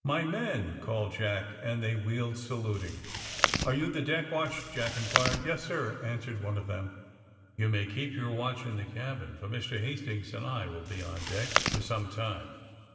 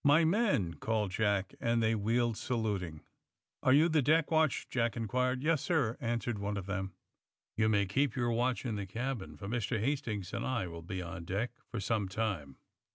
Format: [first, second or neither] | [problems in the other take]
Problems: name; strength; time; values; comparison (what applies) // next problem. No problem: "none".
second | background sound (Chewing, mastication); as loud as the speech // room echo; dies away in 2.5 s